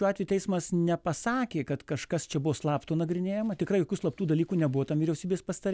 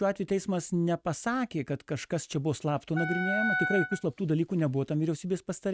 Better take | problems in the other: first | noise reduction (neural mask model RNNoise)

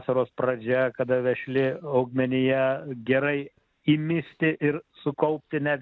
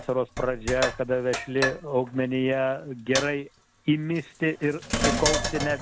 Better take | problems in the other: first | background sound (Sink (filling or washing)); 5 dB below the speech

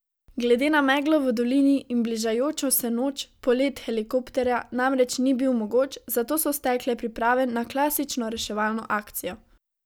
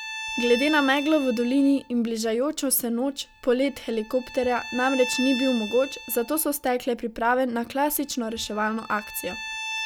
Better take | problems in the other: first | background sound (Bowed string instrument); 12 dB below the speech

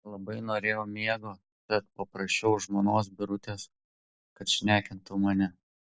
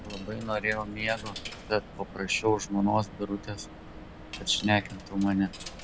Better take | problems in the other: first | background sound (Coin (dropping)); 13 dB below the speech

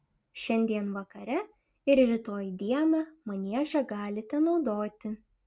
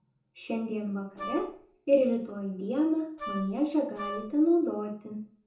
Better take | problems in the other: first | background sound (Wind instrument, woodwind instrument); 10 dB below the speech // room echo; dies away in 0.6 s

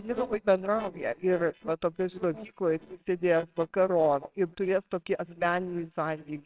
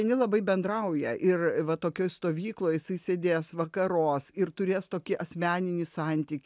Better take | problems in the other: second | noise reduction (neural separator model SepFormer WHAMR!)

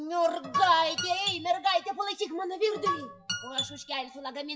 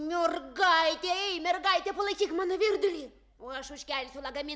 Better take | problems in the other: second | noise reduction (classical method WPE with log-MMSE)

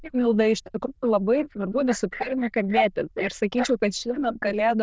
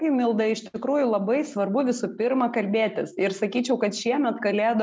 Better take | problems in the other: second | noise reduction (neural diffusion model UNIVERSE++)

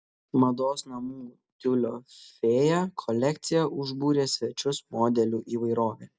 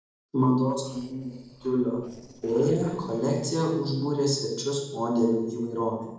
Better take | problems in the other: first | noise reduction (neural separator model SepFormer DNS4)

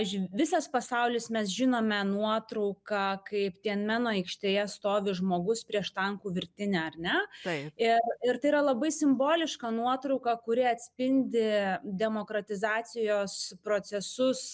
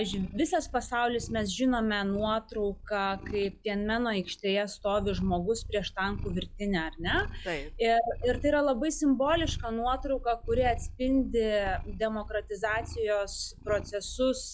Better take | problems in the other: first | noise reduction (classical method log-MMSE)

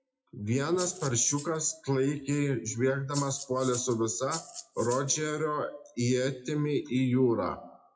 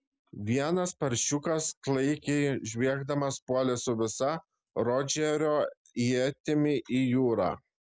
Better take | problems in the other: second | noise reduction (classical method WPE with log-MMSE)

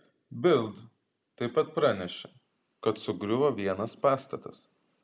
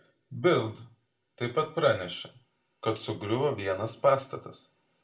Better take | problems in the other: first | room echo; dies away in 0.2 s

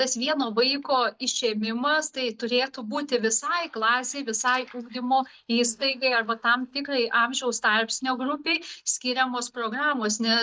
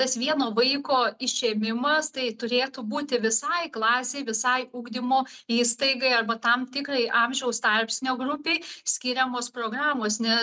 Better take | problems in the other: second | noise reduction (neural mask model DeepFilterNet 3)

